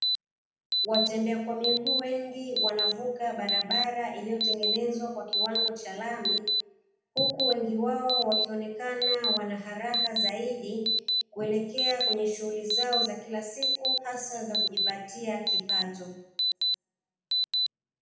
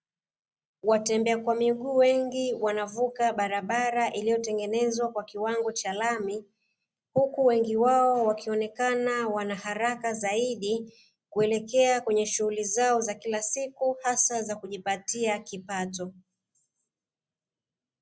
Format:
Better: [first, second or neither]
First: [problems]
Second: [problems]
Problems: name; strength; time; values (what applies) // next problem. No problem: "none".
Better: second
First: background sound (Alarm); 2 dB above the speech // room echo; dies away in 0.8 s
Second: none